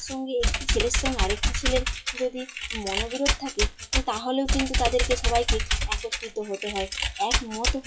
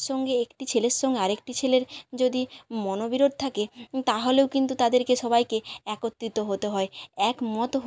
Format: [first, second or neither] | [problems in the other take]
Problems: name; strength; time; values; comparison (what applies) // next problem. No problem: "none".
second | noise reduction (classical method WPE with log-MMSE)